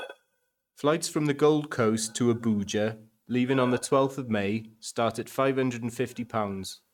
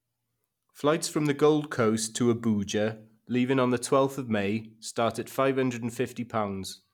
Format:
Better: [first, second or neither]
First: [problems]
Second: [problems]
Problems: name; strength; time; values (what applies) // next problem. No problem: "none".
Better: second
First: noise reduction (neural mask model RNNoise)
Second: none